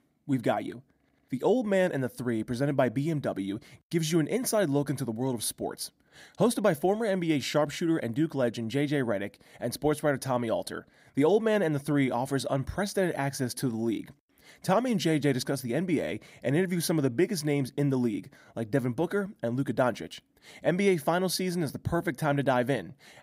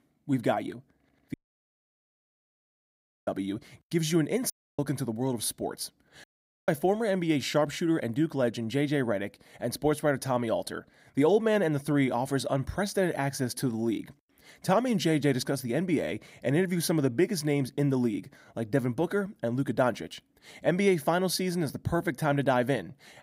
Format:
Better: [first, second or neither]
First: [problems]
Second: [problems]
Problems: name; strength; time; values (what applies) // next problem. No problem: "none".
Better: first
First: none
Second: audio cutting out; at 1.5 s for 2 s, at 4.5 s and at 6 s